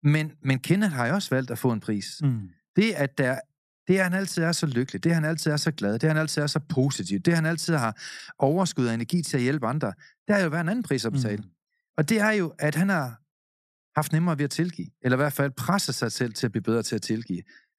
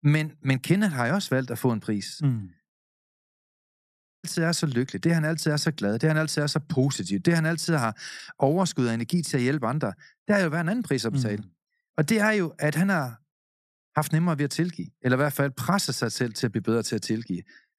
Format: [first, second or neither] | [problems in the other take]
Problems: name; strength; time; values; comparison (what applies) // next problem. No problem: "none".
first | audio cutting out; at 2.5 s for 1.5 s